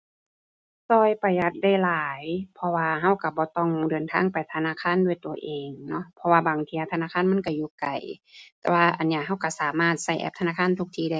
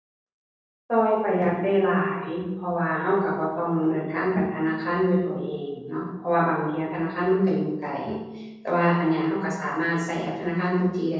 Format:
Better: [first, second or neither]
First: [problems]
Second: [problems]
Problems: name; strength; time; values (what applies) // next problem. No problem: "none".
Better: first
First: none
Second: noise reduction (neural separator model SepFormer DNS4)